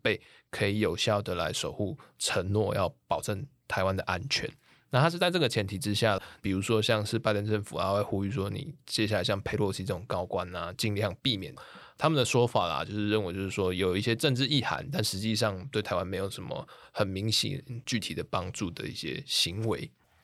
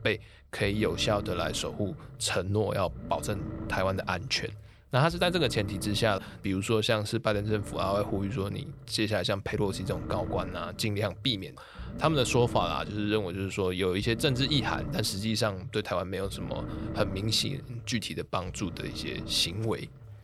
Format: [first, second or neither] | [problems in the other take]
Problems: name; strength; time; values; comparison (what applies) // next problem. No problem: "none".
first | low rumble; noticeable; throughout; 15 dB below the speech